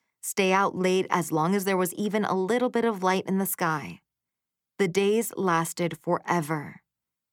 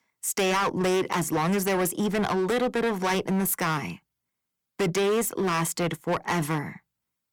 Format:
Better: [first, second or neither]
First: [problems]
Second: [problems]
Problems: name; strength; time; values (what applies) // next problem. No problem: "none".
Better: first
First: none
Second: distortion; heavy; 17% of the sound clipped